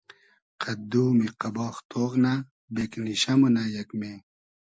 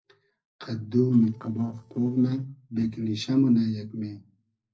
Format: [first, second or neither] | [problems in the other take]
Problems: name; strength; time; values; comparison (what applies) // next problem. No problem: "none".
first | noise reduction (neural separator model SepFormer DNS4)